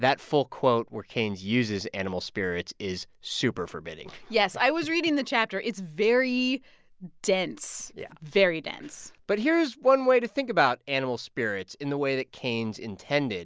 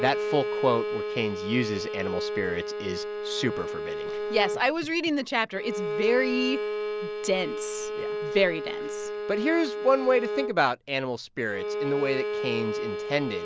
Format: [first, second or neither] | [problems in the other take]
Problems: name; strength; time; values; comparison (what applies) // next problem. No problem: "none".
first | background sound (Bowed string instrument); 3 dB below the speech